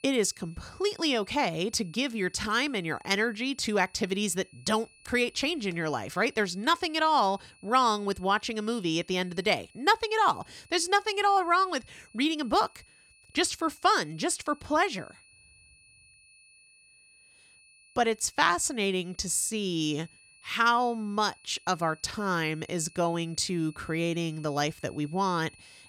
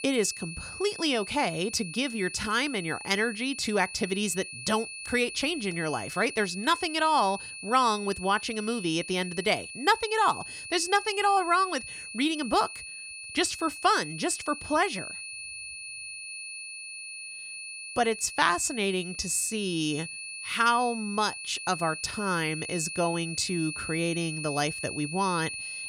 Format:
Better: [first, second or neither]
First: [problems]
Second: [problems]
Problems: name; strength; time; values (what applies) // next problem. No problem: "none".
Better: first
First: high-pitched whine; faint; throughout; 2.5 kHz, 30 dB below the speech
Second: high-pitched whine; loud; throughout; 2.5 kHz, 9 dB below the speech